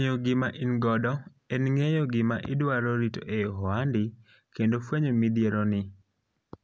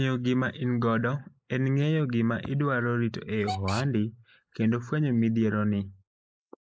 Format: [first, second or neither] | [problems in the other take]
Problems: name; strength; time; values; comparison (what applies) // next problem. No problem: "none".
first | noise reduction (neural mask model Resemble Enhance denoiser)